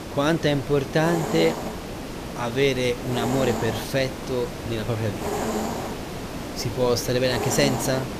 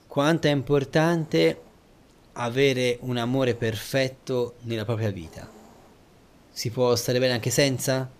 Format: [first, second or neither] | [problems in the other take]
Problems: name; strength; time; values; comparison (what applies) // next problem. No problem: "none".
second | hiss; loud; throughout; 6 dB below the speech; faint in the second